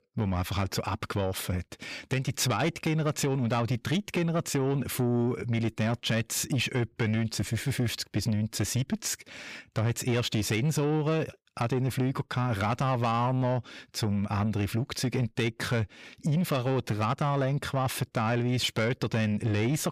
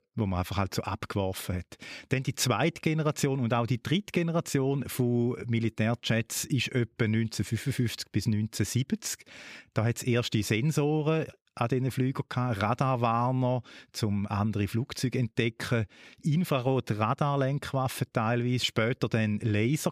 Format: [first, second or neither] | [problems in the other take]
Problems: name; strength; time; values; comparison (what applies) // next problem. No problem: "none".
second | distortion; slight; 10 dB below the speech